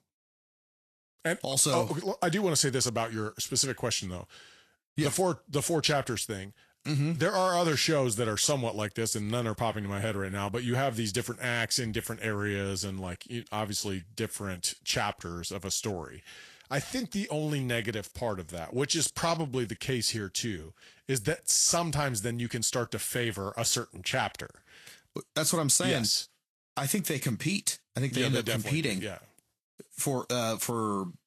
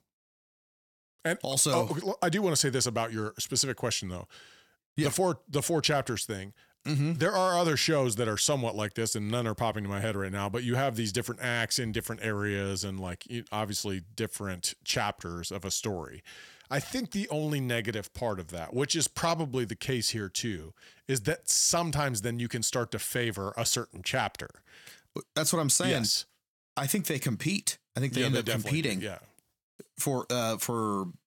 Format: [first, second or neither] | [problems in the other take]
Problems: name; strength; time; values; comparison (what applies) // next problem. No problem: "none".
second | garbled, watery; slightly; nothing above 13 kHz